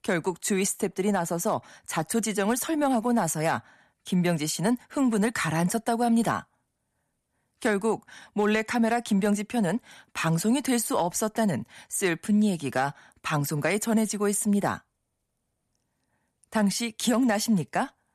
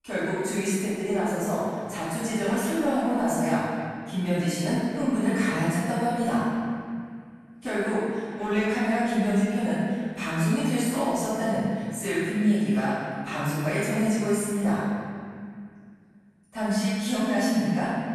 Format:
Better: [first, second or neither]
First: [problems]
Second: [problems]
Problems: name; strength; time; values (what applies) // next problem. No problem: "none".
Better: first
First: none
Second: off-mic speech; far // room echo; strong; dies away in 2.2 s